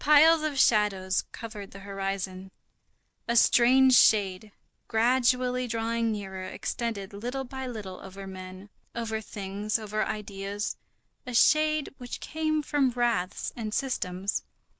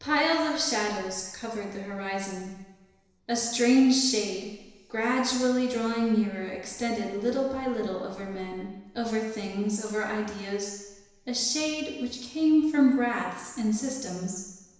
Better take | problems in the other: first | room echo; dies away in 1 s

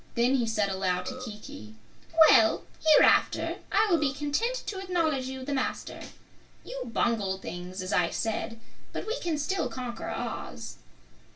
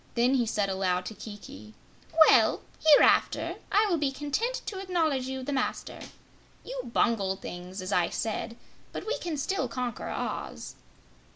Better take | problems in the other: second | background sound (Burping, eructation); 13 dB below the speech // room echo; dies away in 0.2 s

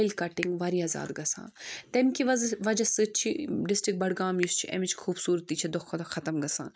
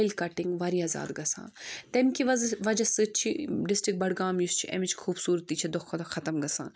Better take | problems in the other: second | noise reduction (neural mask model RNNoise)

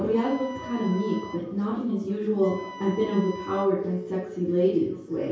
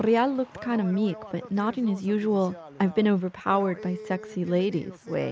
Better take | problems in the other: second | background sound (Wind instrument, woodwind instrument); 15 dB below the speech // room echo; dies away in 0.6 s

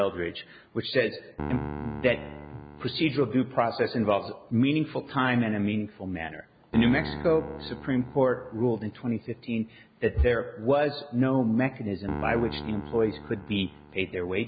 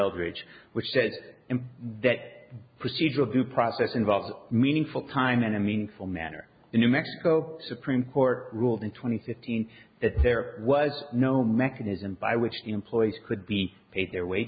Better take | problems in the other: second | background sound (Piano); 14 dB below the speech

